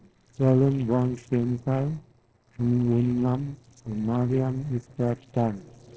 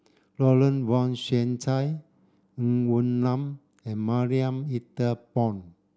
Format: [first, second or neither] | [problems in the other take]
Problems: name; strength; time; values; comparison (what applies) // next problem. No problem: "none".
second | noise reduction (neural separator model SepFormer DNS4)